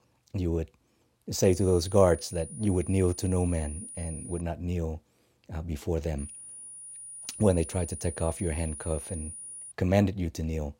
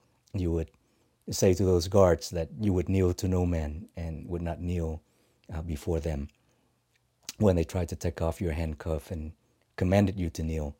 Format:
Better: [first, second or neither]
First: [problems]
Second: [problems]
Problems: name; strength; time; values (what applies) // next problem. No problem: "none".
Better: second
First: high-pitched whine; noticeable; from 1.5 to 4.5 s and from 6 to 9.5 s; 9.5 kHz, 10 dB below the speech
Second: none